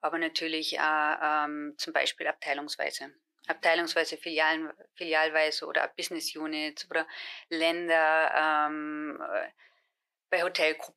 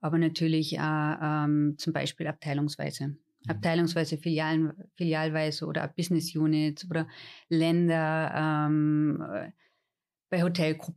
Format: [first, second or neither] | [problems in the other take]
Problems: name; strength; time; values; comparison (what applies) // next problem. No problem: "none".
second | thin; very; fading below 400 Hz